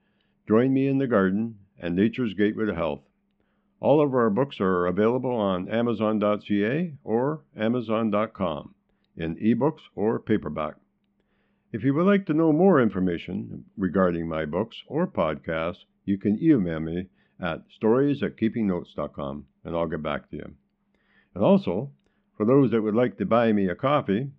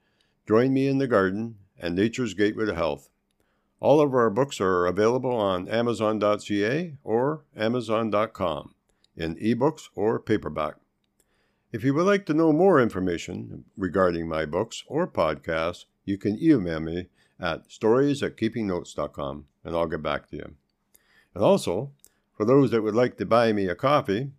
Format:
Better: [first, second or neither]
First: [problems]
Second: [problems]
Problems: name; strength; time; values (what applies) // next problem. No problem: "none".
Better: second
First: muffled; very; fading above 3 kHz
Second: none